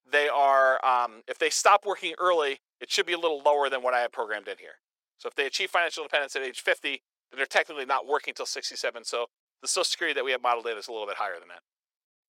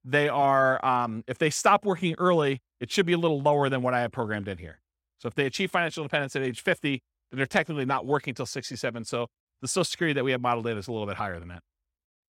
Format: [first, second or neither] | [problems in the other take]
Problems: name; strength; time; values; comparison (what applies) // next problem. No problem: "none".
second | thin; very; fading below 450 Hz